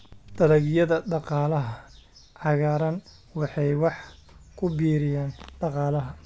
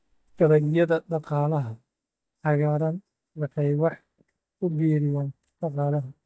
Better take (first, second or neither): first